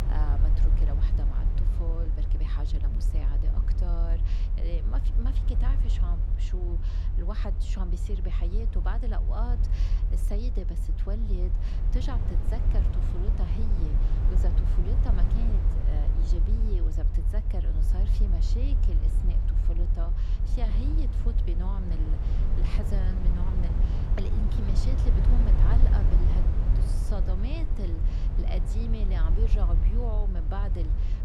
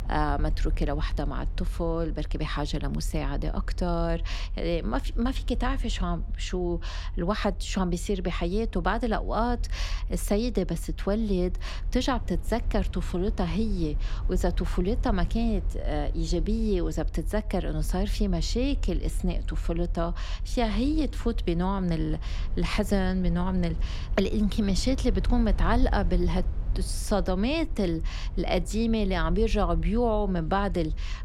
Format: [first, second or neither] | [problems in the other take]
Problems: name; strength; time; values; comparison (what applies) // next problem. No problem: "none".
second | low rumble; loud; throughout; 2 dB below the speech; faint in the second